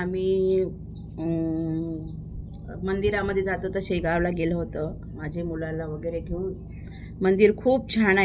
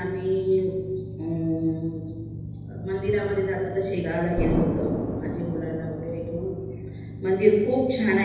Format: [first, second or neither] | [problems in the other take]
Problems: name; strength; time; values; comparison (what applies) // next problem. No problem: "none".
first | background sound (Explosion); 9 dB below the speech // room echo; dies away in 1.1 s